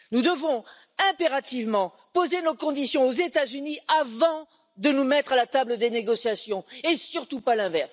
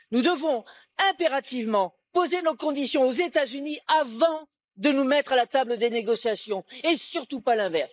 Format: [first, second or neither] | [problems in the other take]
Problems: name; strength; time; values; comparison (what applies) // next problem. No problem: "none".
first | noise reduction (neural mask model Resemble Enhance denoiser)